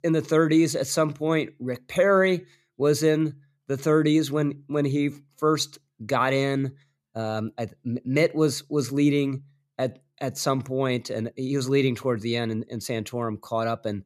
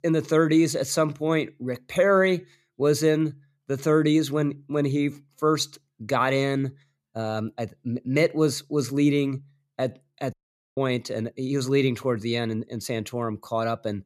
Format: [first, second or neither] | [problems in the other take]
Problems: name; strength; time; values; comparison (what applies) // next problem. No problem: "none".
first | audio cutting out; at 10 s